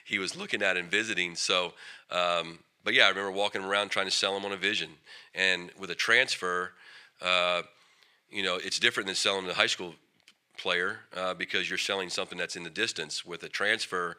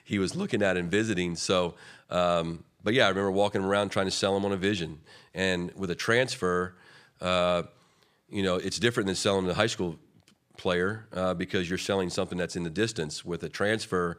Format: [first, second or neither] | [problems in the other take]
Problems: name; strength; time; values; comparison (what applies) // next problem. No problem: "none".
second | thin; somewhat; fading below 700 Hz